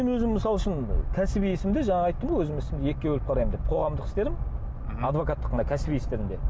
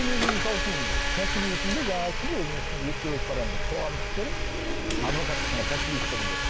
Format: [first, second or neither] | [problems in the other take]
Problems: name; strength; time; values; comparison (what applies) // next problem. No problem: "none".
first | background sound (Drawer open or close + Domestic sounds, home sounds); 2 dB above the speech